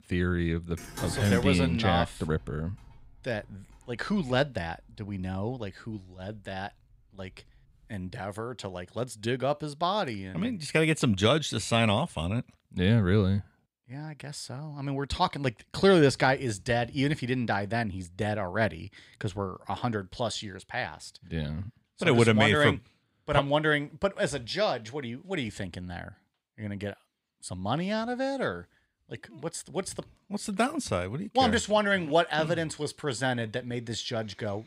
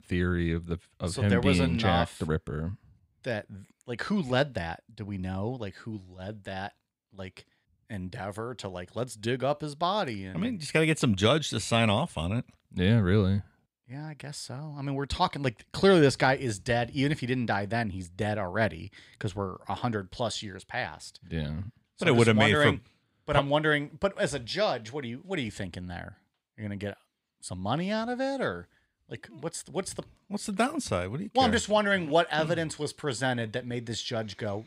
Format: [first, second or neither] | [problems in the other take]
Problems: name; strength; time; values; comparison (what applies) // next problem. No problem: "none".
second | clattering dishes; noticeable; from 1 to 7.5 s; peak 6 dB below the speech